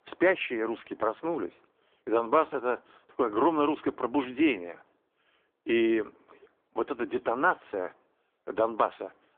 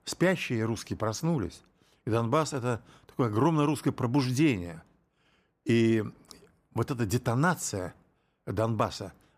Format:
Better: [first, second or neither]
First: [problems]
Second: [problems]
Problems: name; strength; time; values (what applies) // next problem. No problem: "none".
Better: second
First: phone-call audio; poor line; nothing above 3.5 kHz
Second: none